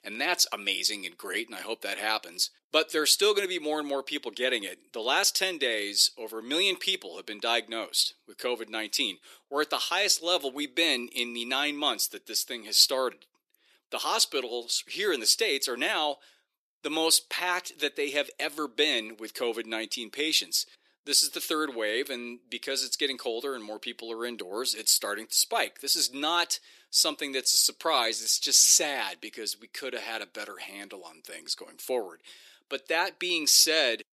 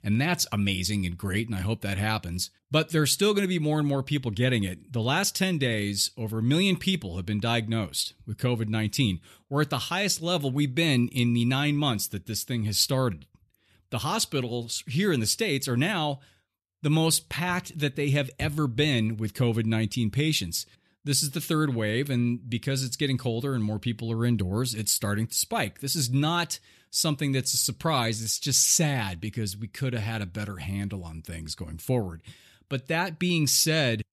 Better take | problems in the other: second | thin; very; fading below 350 Hz

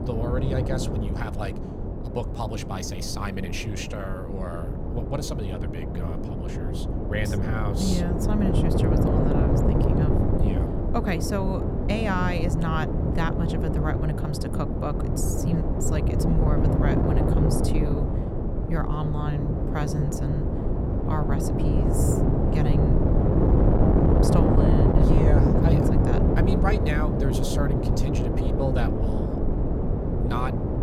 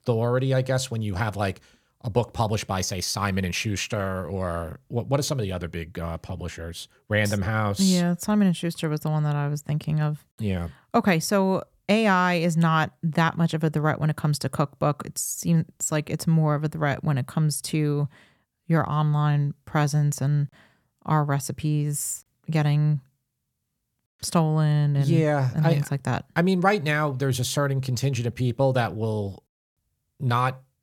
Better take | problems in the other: second | wind noise on the microphone; heavy; 2 dB above the speech

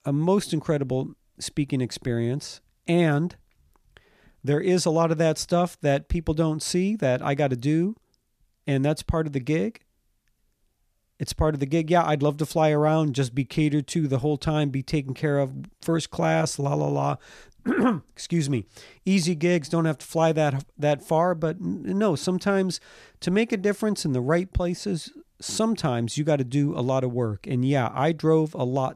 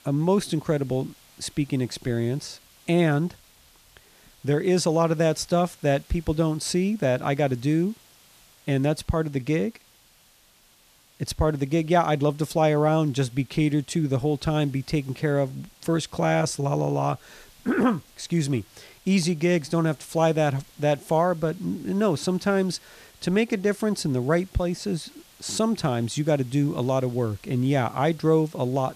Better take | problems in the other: first | hiss; faint; throughout; 30 dB below the speech

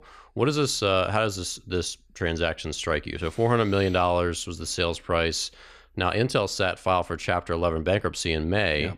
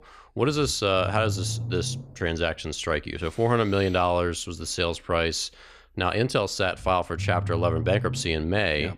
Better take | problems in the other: first | low rumble; faint; throughout; 20 dB below the speech

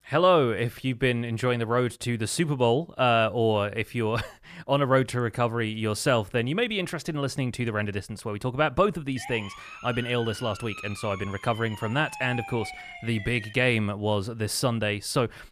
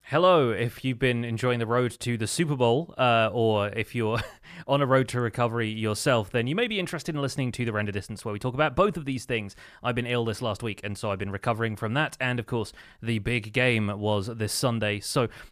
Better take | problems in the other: second | siren; faint; from 9 to 14 s; peak 10 dB below the speech

